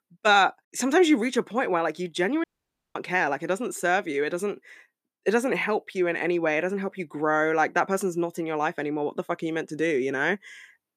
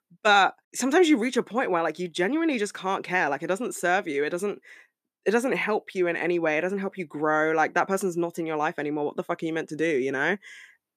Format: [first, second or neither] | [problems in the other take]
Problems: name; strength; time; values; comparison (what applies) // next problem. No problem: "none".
second | audio cutting out; at 2.5 s for 0.5 s